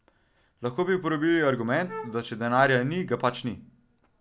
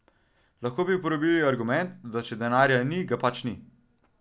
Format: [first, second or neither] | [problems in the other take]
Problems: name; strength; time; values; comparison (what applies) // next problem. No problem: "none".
second | background sound (Wind instrument, woodwind instrument); 14 dB below the speech